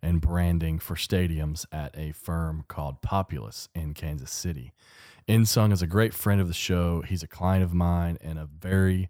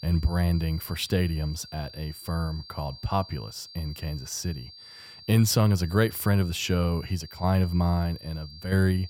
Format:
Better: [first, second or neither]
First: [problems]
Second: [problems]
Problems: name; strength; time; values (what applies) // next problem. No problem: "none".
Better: first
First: none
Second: high-pitched whine; noticeable; throughout; 4.5 kHz, 15 dB below the speech